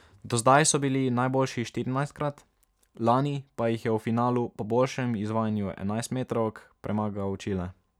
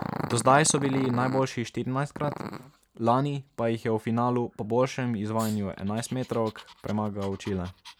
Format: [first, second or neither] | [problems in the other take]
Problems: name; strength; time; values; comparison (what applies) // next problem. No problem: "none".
first | background sound (Growling); 13 dB below the speech